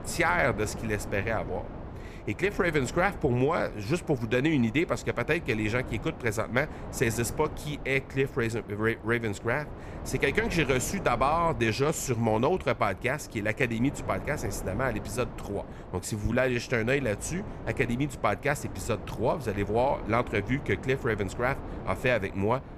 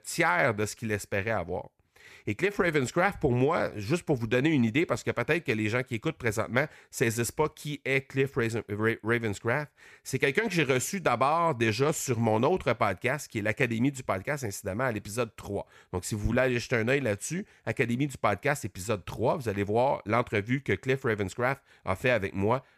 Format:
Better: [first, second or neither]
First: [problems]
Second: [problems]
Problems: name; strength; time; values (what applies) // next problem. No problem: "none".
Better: second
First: wind noise on the microphone; occasional gusts; 15 dB below the speech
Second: none